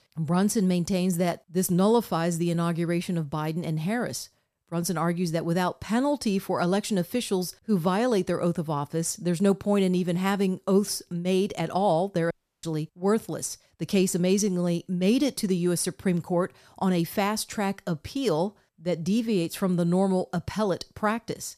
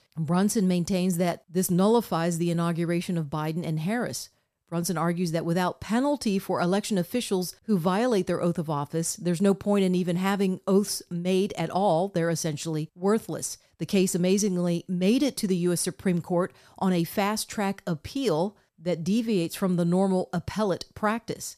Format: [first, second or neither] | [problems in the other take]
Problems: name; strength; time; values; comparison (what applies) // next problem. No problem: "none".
second | audio cutting out; at 12 s